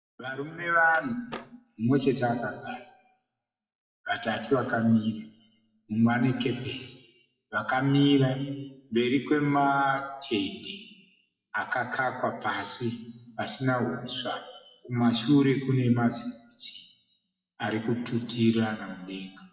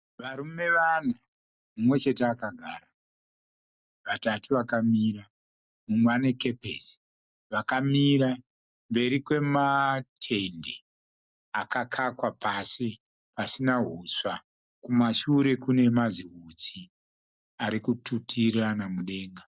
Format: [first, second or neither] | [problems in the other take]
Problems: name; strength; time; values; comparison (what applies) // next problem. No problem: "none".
second | noise reduction (classical method WPE with log-MMSE)